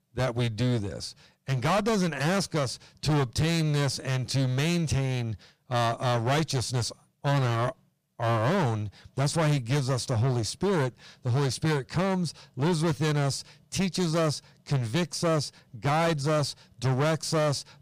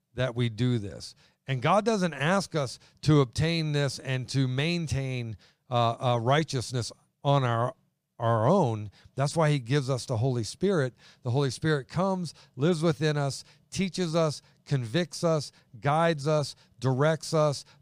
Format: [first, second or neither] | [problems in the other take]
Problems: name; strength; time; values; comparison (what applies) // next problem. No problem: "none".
second | distortion; heavy; 19% of the sound clipped